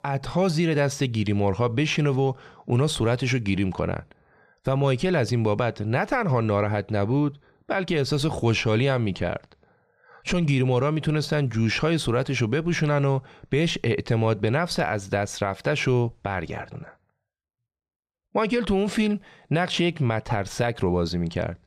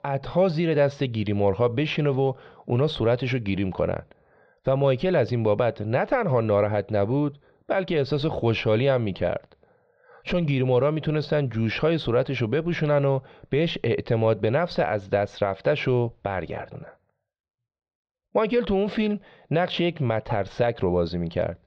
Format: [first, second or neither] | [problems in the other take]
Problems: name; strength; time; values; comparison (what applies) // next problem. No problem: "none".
first | muffled; slightly; fading above 4 kHz